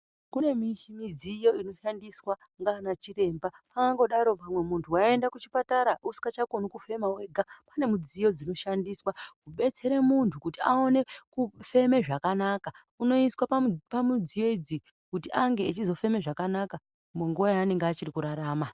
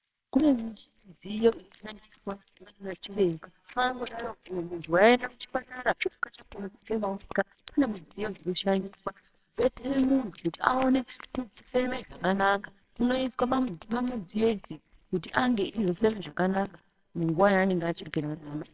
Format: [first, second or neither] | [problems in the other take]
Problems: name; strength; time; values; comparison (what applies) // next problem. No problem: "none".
first | noise reduction (neural separator model SepFormer WHAMR!)